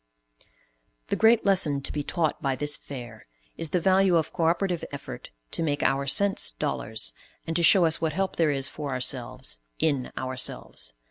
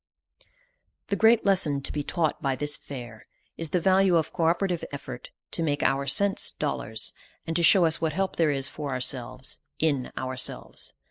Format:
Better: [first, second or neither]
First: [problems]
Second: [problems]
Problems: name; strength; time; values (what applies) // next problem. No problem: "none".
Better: first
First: none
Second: noise reduction (neural mask model Resemble Enhance denoiser)